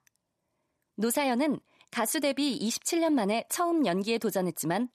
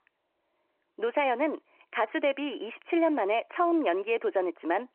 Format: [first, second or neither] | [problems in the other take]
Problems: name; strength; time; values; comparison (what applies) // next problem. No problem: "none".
first | phone-call audio